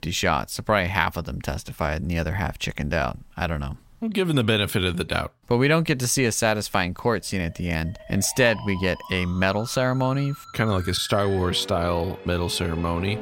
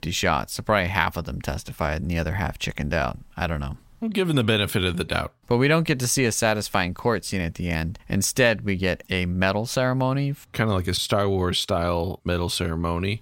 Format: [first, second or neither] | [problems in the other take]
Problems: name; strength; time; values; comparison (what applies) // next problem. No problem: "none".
second | background music; noticeable; from 7.5 s on; 15 dB below the speech